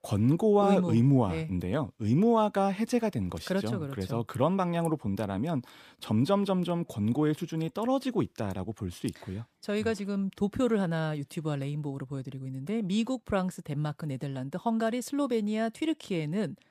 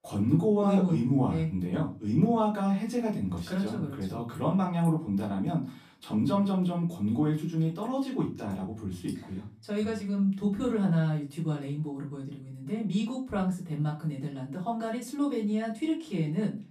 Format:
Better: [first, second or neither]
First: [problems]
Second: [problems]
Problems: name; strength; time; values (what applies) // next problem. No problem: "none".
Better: first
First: none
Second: off-mic speech; far // room echo; slight; dies away in 0.3 s